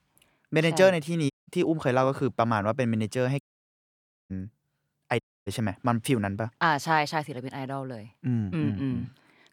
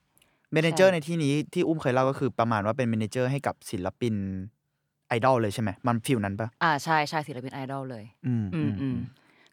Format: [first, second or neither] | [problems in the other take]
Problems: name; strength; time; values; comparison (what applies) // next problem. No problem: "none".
second | audio cutting out; at 1.5 s, at 3.5 s for 1 s and at 5 s